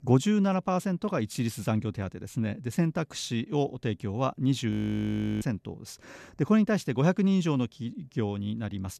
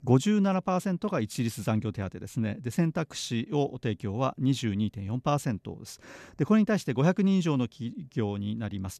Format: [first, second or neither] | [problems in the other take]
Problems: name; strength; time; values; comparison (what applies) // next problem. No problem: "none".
second | audio freezing; at 4.5 s for 0.5 s